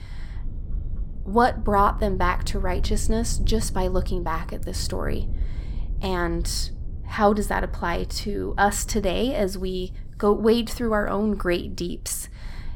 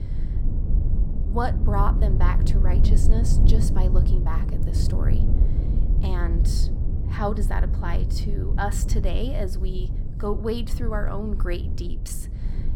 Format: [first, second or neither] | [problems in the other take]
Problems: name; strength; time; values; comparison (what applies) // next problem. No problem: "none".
first | low rumble; loud; throughout; 7 dB below the speech; faint in the first